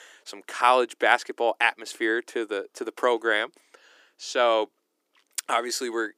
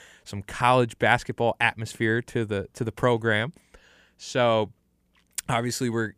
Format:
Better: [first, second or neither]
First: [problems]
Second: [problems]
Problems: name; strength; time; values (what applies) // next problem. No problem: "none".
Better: second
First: thin; very; fading below 300 Hz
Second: none